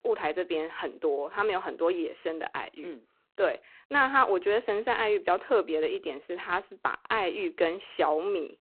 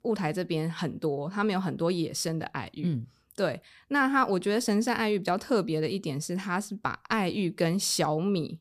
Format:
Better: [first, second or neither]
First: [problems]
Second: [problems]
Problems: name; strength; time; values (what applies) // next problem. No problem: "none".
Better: second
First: phone-call audio; poor line; nothing above 4 kHz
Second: none